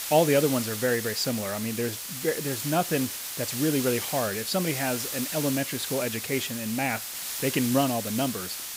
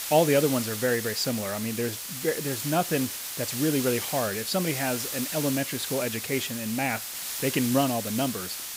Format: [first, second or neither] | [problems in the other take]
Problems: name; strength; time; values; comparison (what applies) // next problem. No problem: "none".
neither | hiss; loud; throughout; 4 dB below the speech; the same in both